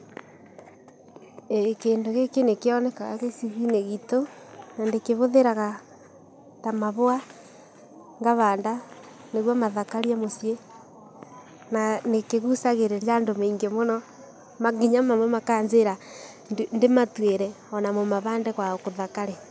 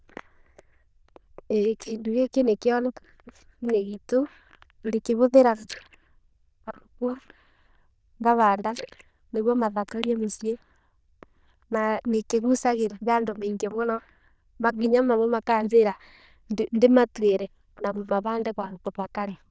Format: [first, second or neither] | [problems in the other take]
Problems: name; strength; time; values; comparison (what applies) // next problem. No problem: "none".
first | noise reduction (neural diffusion model UNIVERSE++)